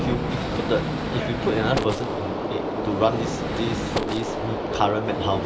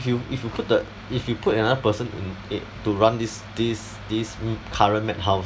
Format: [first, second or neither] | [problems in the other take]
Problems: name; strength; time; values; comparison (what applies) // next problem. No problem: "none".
second | background sound (Gunshot, gunfire); as loud as the speech